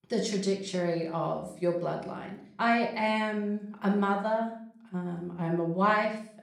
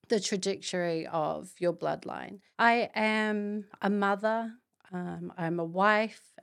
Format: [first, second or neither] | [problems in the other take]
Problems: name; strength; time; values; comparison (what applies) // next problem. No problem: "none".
second | off-mic speech; far // room echo; slight; dies away in 0.6 s